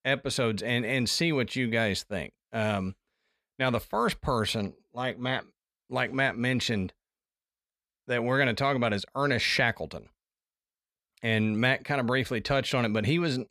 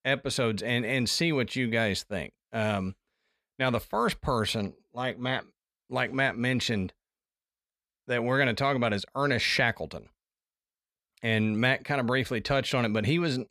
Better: neither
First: none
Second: none

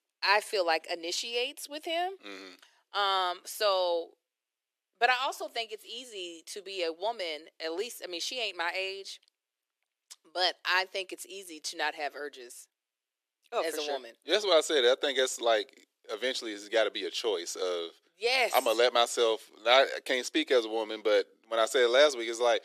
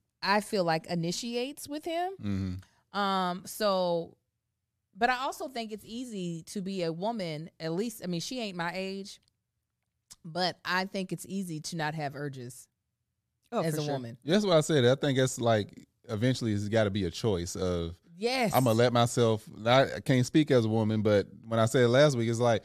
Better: second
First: thin; very; fading below 350 Hz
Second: none

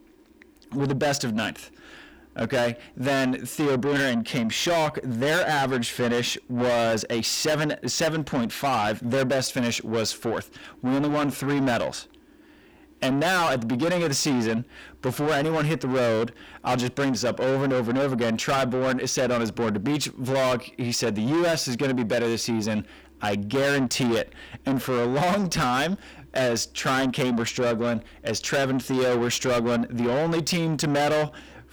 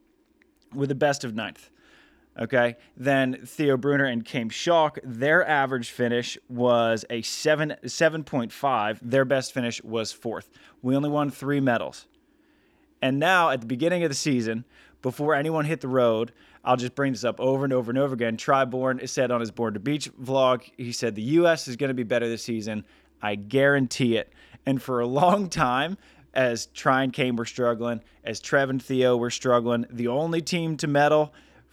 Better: second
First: distortion; heavy; 6 dB below the speech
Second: none

